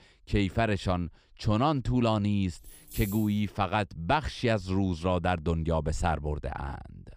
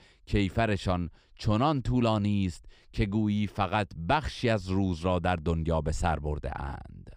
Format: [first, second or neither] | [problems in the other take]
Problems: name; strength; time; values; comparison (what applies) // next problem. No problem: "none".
second | jangling keys; faint; at 2.5 s; peak 10 dB below the speech